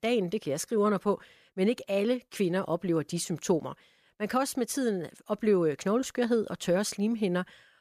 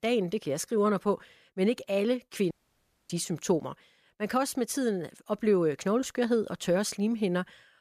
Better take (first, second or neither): first